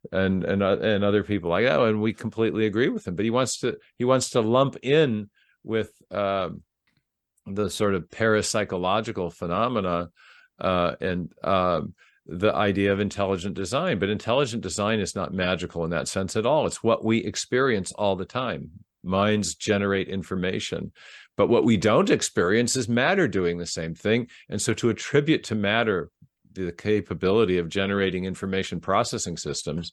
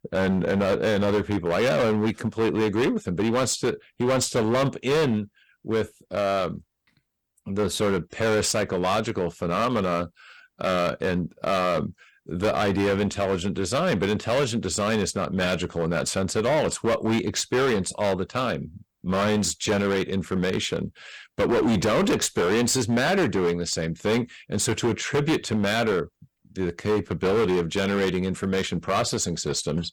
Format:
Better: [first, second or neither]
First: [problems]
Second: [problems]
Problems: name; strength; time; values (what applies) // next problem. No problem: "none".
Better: first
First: none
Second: distortion; heavy; 14% of the sound clipped